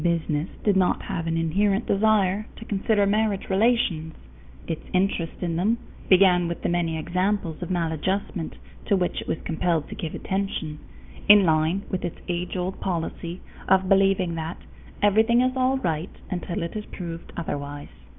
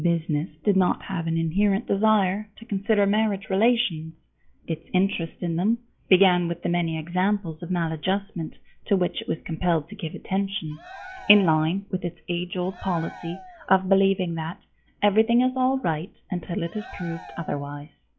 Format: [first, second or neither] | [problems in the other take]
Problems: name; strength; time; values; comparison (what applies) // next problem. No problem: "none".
first | noise reduction (classical method log-MMSE)